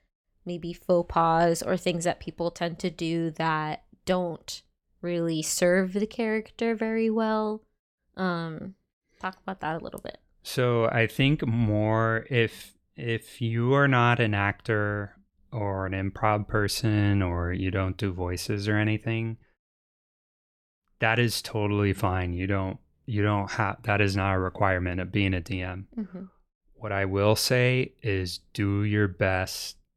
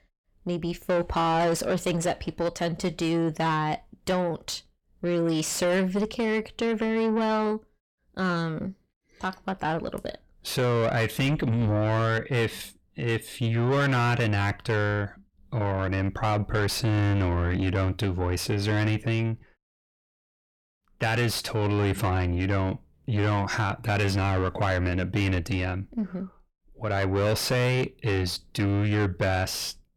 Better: first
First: none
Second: distortion; heavy; 7 dB below the speech

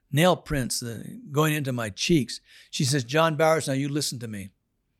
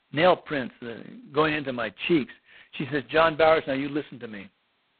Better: first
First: none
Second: phone-call audio; poor line; nothing above 4 kHz

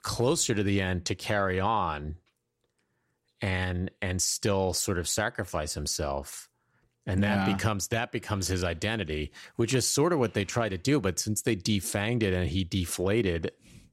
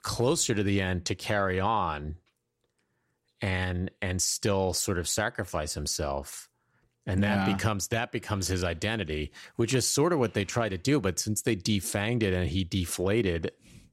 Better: neither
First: none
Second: none

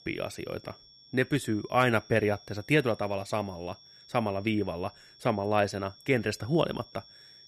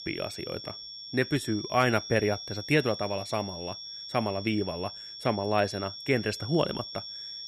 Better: first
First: high-pitched whine; faint; throughout; 5.5 kHz, 25 dB below the speech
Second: high-pitched whine; loud; throughout; 5.5 kHz, 9 dB below the speech

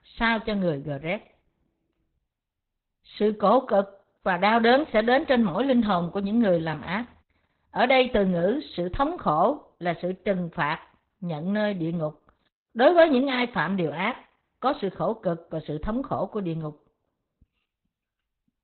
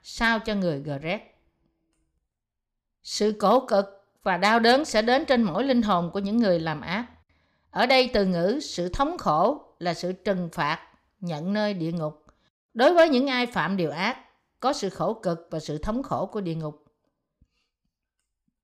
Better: second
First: garbled, watery; badly; nothing above 4 kHz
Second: none

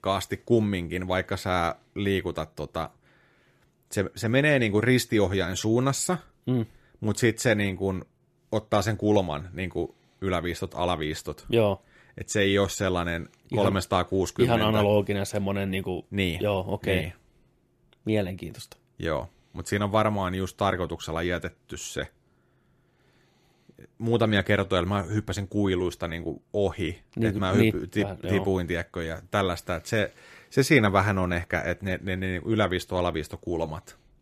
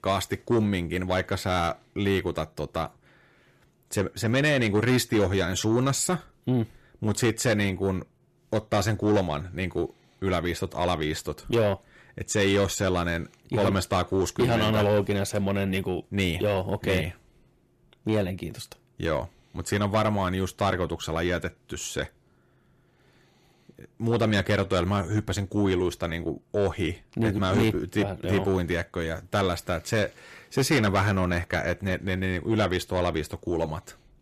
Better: first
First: none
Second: distortion; slight; 10 dB below the speech

